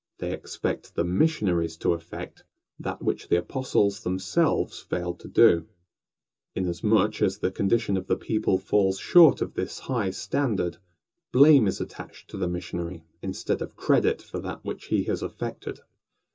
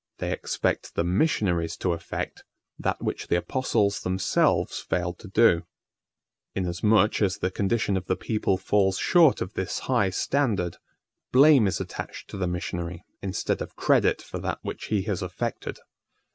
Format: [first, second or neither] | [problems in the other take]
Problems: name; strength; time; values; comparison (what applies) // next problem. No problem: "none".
second | room echo; dies away in 0.2 s